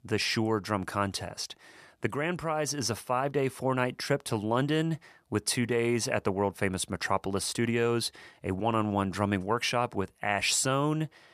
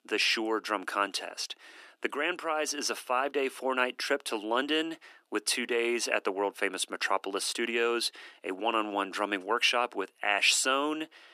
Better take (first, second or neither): first